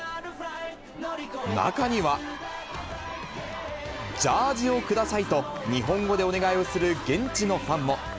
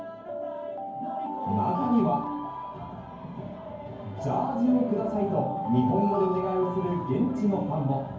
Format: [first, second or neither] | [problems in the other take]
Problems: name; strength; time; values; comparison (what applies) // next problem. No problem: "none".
first | background sound (Alarm); 8 dB below the speech // room echo; dies away in 0.9 s